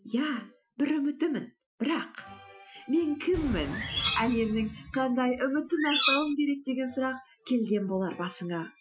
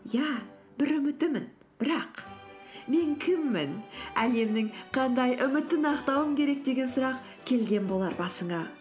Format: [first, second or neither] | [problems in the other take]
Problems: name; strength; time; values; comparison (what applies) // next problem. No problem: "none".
second | noise reduction (classical method Wiener filter)